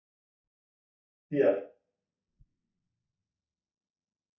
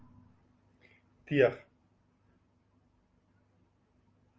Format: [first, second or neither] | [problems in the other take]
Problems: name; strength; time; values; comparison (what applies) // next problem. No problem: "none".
second | noise reduction (neural mask model DeepFilterNet 3)